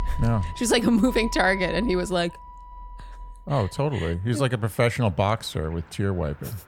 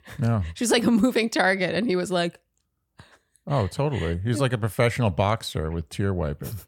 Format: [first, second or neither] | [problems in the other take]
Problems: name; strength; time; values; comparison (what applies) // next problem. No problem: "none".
second | traffic noise; noticeable; throughout; 15 dB below the speech